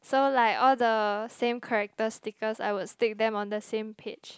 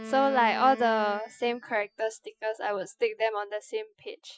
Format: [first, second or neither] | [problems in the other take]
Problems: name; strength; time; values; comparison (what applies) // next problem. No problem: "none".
first | noise reduction (classical method Wiener filter)